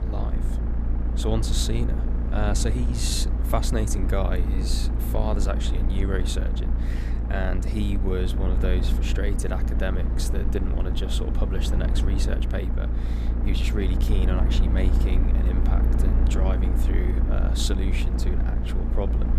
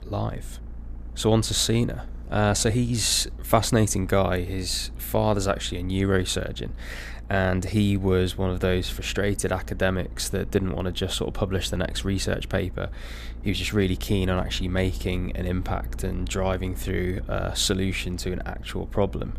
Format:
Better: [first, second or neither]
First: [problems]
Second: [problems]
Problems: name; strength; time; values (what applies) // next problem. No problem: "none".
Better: second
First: low rumble; loud; throughout; 5 dB below the speech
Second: low rumble; faint; throughout; 25 dB below the speech